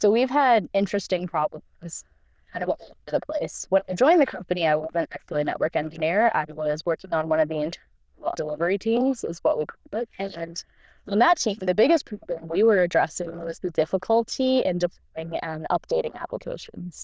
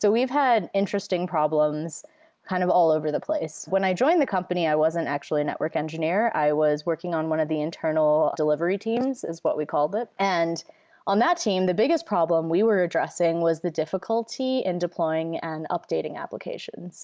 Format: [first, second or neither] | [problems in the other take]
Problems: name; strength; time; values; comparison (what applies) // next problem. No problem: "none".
second | noise reduction (neural diffusion model UNIVERSE++)